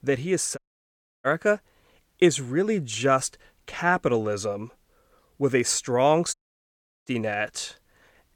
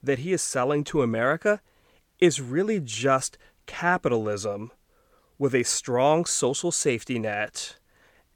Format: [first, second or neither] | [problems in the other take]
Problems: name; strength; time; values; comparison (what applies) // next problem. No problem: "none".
second | audio cutting out; at 0.5 s for 0.5 s and at 6.5 s for 0.5 s